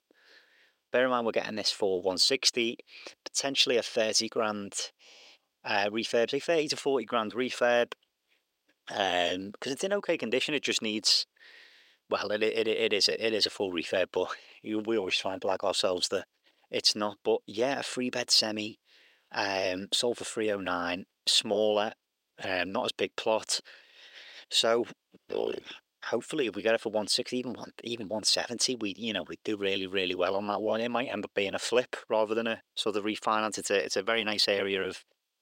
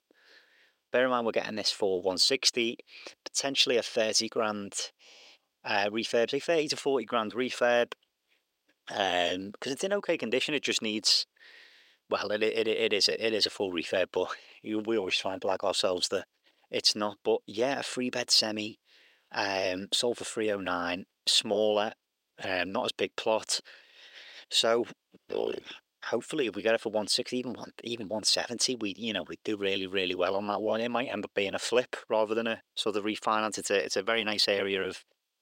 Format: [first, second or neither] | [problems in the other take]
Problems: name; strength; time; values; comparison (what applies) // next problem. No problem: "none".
neither | thin; somewhat; fading below 450 Hz; the same in both